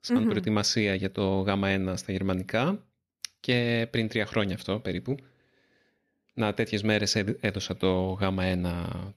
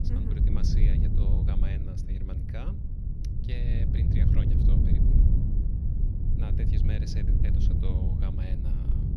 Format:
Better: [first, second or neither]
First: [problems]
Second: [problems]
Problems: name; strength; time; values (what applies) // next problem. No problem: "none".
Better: first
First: none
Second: wind noise on the microphone; heavy; 4 dB above the speech